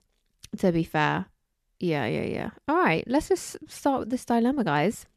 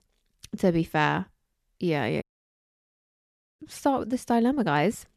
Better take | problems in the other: first | audio cutting out; at 2 s for 1.5 s

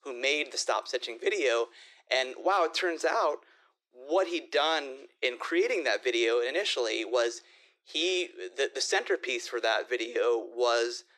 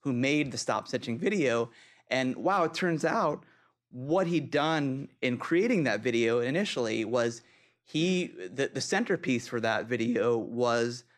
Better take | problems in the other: second | thin; very; fading below 350 Hz

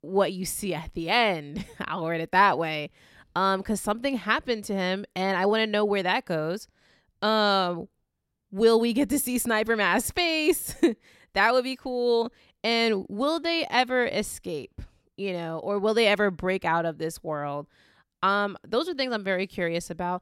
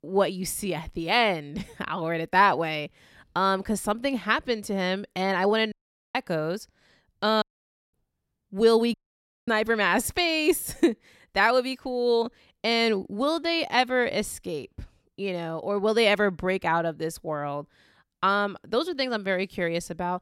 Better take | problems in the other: first | audio cutting out; at 5.5 s, at 7.5 s for 0.5 s and at 9 s for 0.5 s

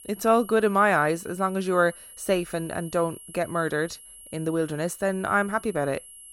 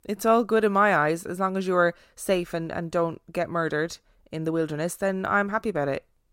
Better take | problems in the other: second | high-pitched whine; noticeable; throughout; 11 kHz, 20 dB below the speech

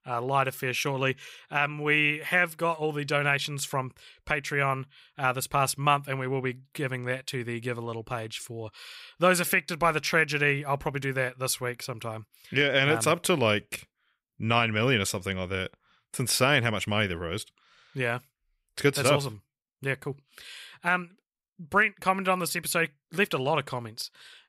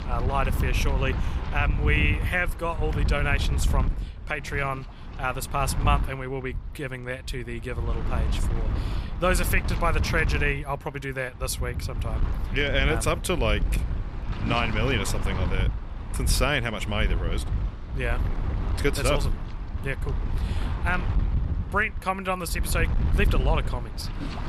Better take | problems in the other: first | wind noise on the microphone; occasional gusts; 10 dB below the speech

